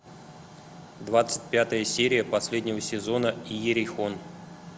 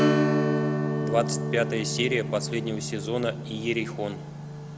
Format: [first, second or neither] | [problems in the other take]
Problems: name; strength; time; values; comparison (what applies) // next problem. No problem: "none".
first | background sound (Strum); 2 dB above the speech